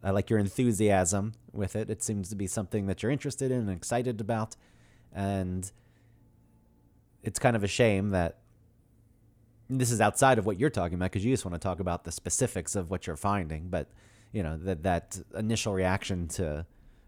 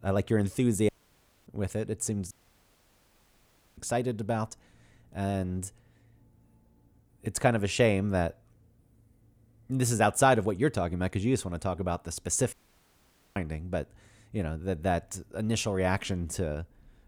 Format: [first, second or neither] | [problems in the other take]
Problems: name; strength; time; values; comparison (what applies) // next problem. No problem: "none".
first | audio cutting out; at 1 s for 0.5 s, at 2.5 s for 1.5 s and at 13 s for 1 s